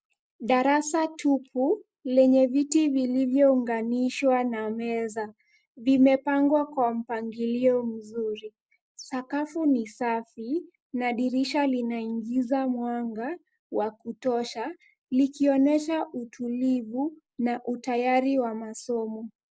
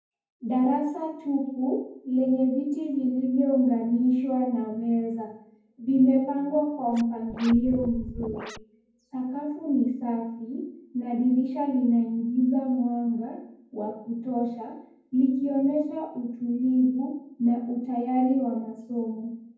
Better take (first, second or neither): first